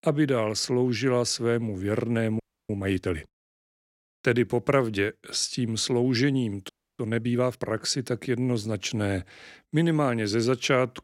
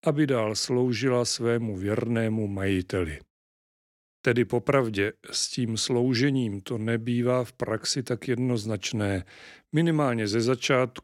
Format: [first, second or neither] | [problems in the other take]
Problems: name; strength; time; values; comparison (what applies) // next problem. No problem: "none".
second | audio freezing; at 2.5 s and at 6.5 s